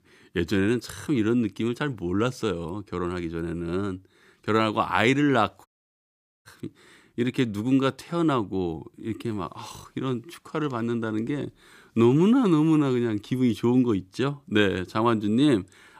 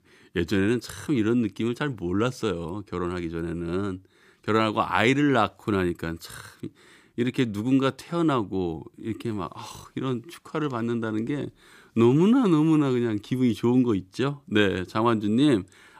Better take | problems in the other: second | audio cutting out; at 5.5 s for 1 s

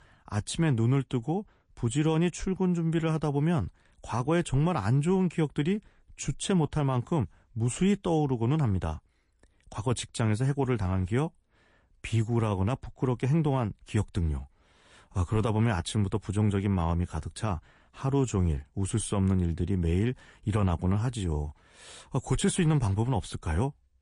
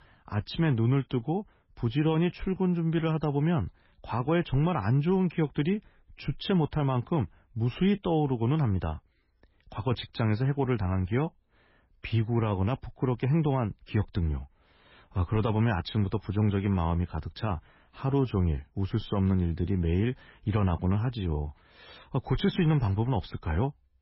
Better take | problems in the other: first | garbled, watery; badly; nothing above 5.5 kHz; slightly in the first

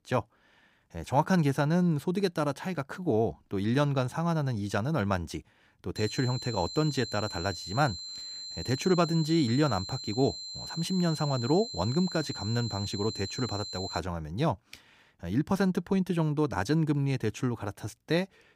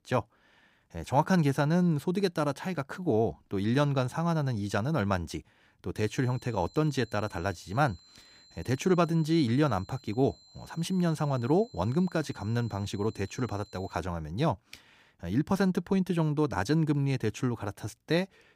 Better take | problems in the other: second | high-pitched whine; loud; from 6 to 14 s; 4 kHz, 8 dB below the speech; faint in the second

